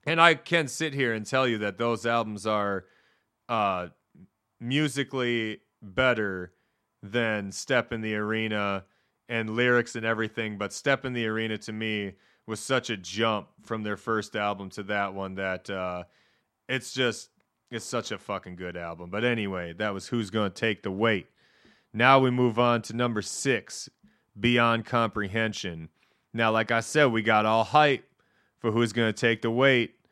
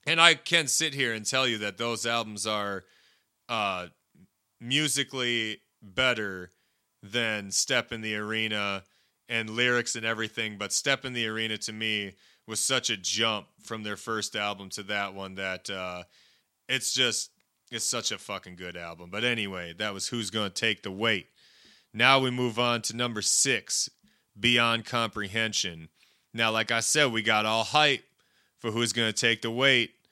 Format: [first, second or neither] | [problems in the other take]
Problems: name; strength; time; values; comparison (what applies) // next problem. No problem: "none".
second | muffled; slightly; fading above 2.5 kHz